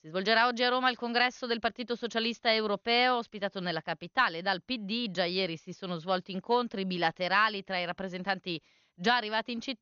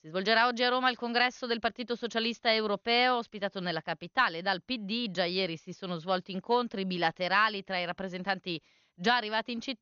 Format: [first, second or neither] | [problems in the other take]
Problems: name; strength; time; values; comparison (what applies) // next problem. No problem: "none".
neither | garbled, watery; slightly; nothing above 6.5 kHz; the same in both